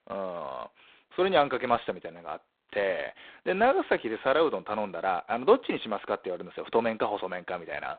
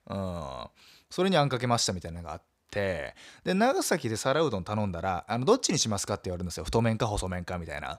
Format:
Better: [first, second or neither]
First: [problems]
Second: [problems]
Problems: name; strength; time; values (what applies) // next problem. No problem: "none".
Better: second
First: phone-call audio; poor line; nothing above 3.5 kHz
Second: none